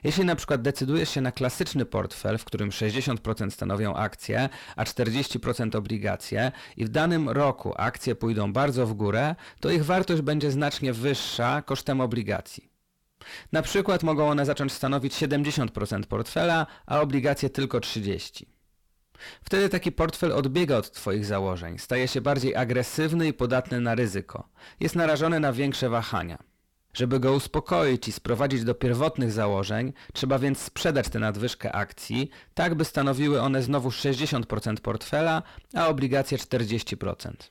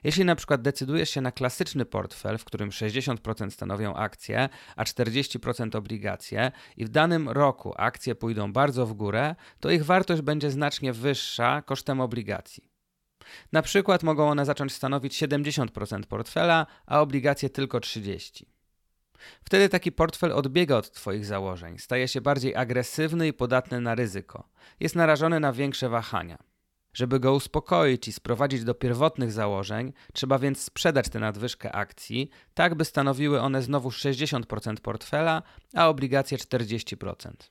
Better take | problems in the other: second | distortion; heavy; 7 dB below the speech

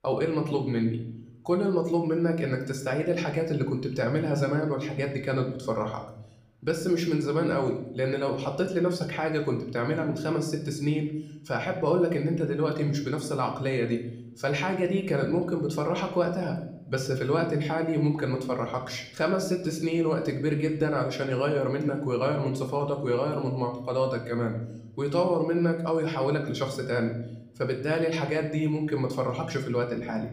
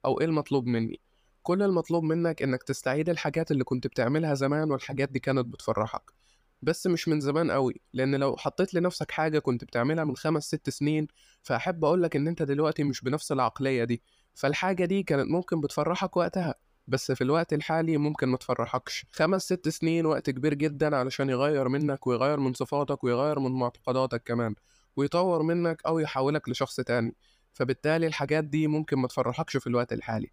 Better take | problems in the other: second | room echo; slight; dies away in 0.7 s

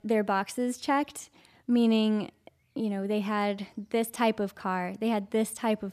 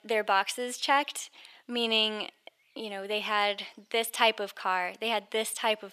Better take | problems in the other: first | thin; very; fading below 550 Hz

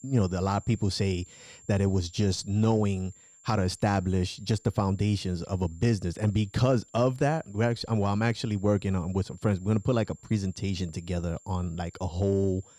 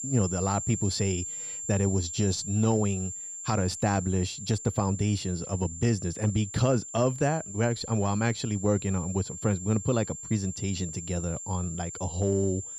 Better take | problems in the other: first | high-pitched whine; loud; throughout; 7.5 kHz, 8 dB below the speech; faint in the first

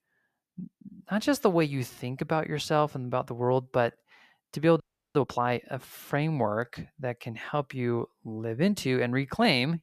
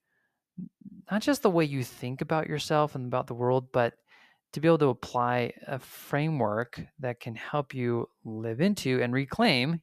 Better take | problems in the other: second | audio freezing; at 5 s

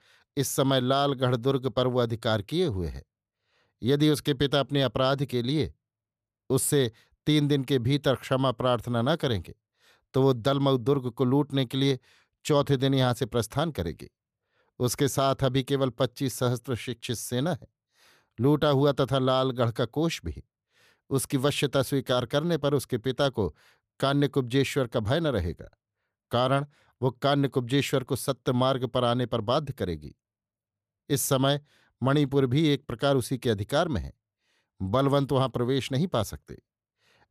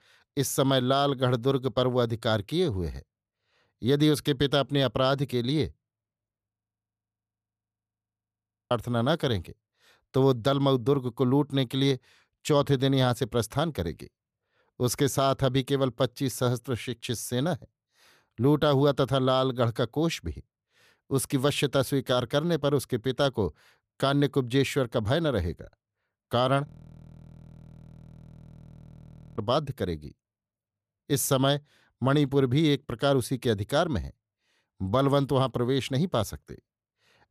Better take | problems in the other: first | audio freezing; at 6.5 s for 2 s and at 27 s for 2.5 s

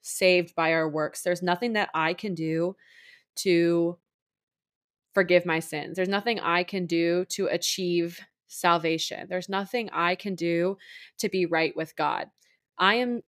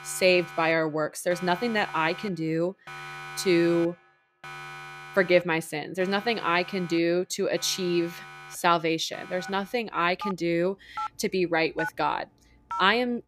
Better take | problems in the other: first | alarms or sirens; noticeable; throughout; 15 dB below the speech

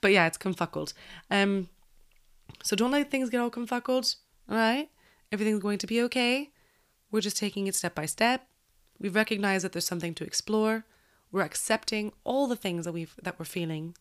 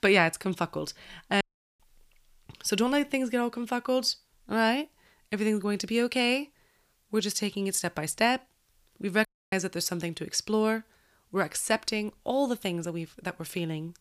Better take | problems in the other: first | audio cutting out; at 1.5 s and at 9.5 s

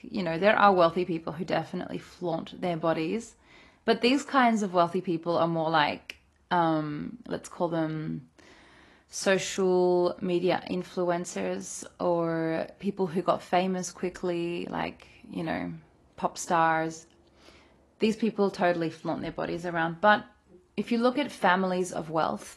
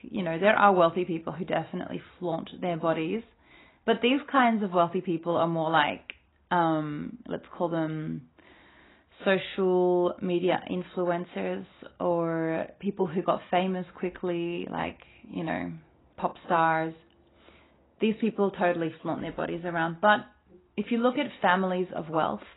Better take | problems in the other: first | garbled, watery; badly; nothing above 4 kHz; slightly in the first

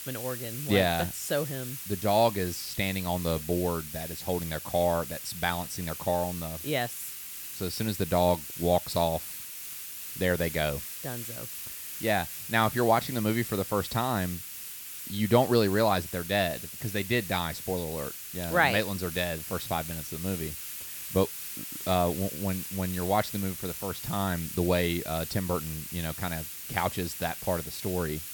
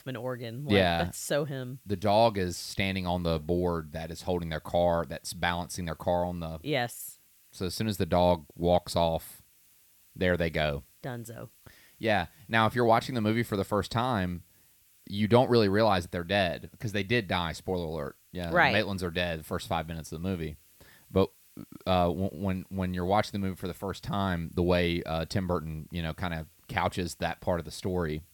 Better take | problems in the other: second | hiss; loud; throughout; 7 dB below the speech; faint in the second

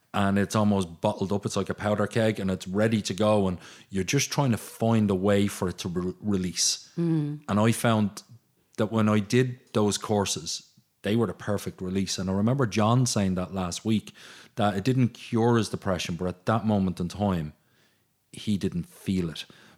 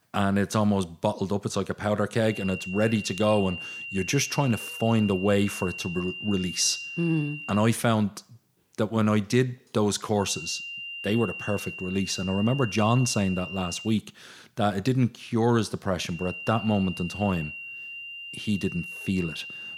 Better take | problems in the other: first | high-pitched whine; loud; from 2.5 to 7.5 s, from 10 to 14 s and from 16 s on; 3 kHz, 9 dB below the speech

